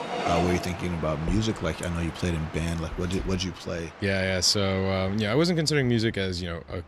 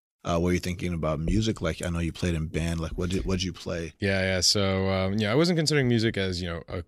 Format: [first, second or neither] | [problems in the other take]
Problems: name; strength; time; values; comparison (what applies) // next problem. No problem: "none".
second | train or aircraft noise; noticeable; throughout; 10 dB below the speech